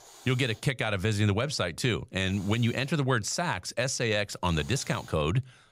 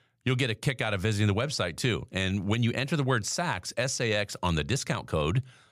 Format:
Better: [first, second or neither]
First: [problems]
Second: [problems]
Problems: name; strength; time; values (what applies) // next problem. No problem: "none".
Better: second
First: hiss; faint; throughout; 25 dB below the speech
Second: none